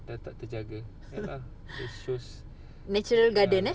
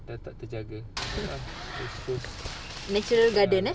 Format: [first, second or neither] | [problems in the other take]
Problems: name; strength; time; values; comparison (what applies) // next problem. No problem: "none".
first | background sound (Boat, Water vehicle); 9 dB below the speech